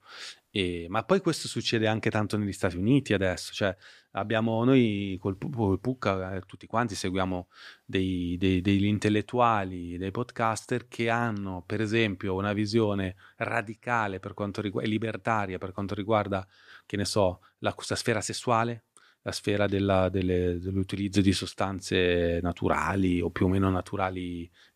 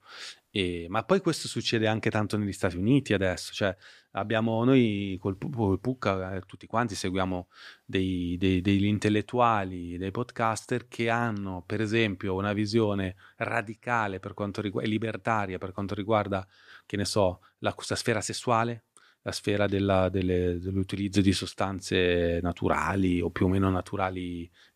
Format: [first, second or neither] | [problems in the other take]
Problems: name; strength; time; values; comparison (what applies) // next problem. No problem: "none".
neither | none